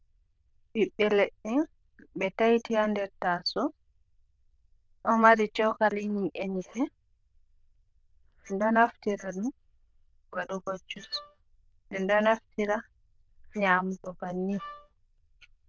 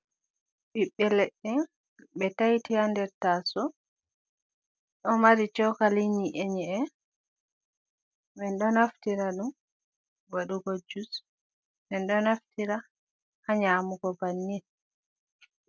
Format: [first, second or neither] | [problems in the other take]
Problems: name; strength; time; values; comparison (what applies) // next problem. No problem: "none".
second | noise reduction (neural diffusion model UNIVERSE++)